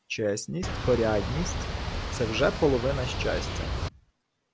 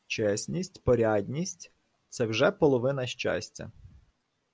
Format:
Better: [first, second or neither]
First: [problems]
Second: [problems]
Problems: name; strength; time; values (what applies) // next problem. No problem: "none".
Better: second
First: background sound (Boat, Water vehicle); 2 dB below the speech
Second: none